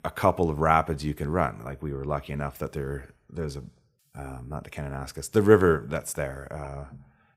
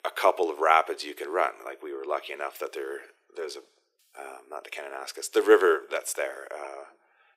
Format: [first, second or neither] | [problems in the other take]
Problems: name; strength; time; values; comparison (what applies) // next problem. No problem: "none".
first | thin; very; fading below 350 Hz